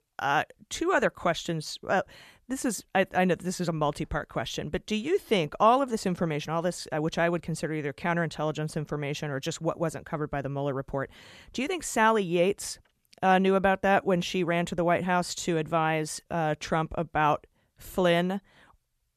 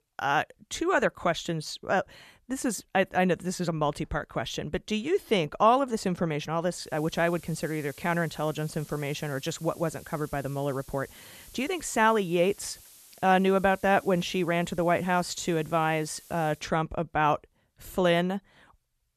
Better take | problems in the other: first | hiss; faint; from 7 to 17 s; 20 dB below the speech

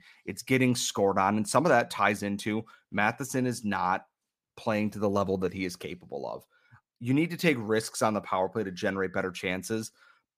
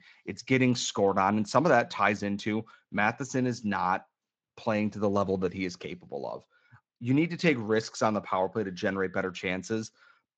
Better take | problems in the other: first | garbled, watery; slightly

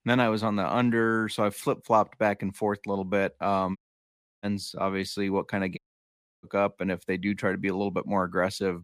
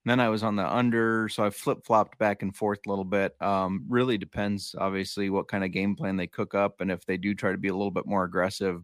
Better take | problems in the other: second | audio cutting out; at 4 s for 0.5 s and at 6 s for 0.5 s

